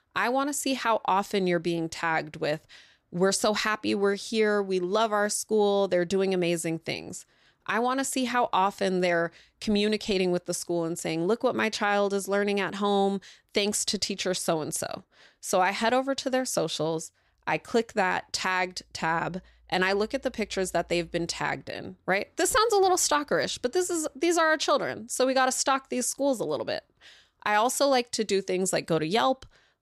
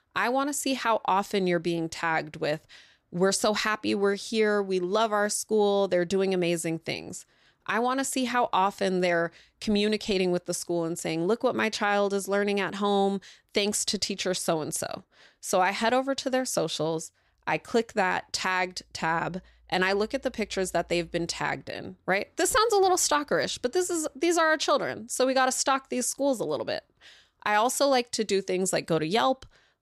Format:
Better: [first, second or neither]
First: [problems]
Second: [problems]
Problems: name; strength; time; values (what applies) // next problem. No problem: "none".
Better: neither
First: none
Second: none